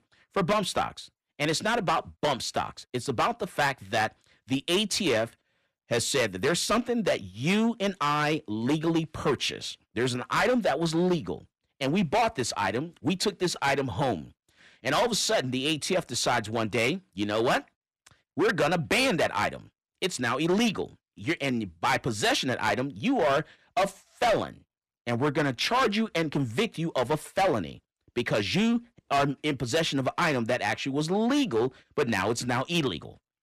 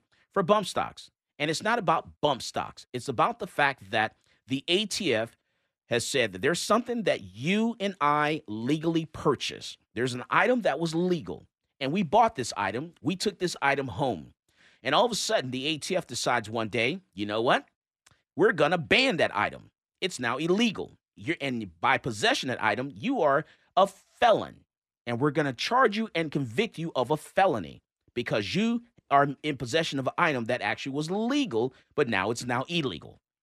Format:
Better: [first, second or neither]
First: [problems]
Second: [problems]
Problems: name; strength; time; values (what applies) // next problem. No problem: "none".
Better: second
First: distortion; heavy; 9% of the sound clipped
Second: none